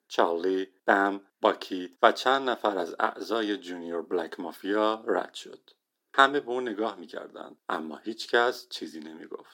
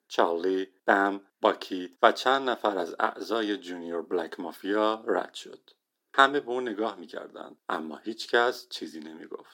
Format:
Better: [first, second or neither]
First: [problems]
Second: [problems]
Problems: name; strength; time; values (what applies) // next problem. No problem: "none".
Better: neither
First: thin; somewhat; fading below 250 Hz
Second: thin; somewhat; fading below 250 Hz